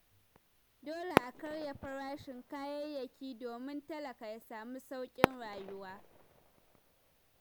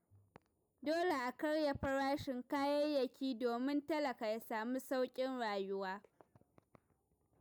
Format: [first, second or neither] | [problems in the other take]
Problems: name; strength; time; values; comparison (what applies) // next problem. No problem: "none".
second | background sound (Fireworks); 4 dB above the speech